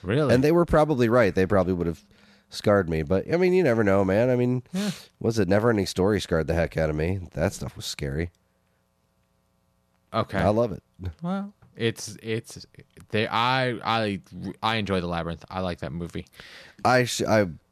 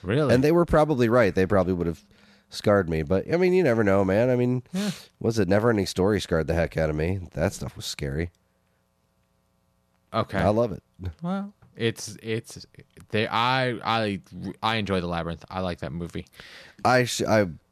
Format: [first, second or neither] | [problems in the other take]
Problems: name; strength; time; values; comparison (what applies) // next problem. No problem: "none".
neither | none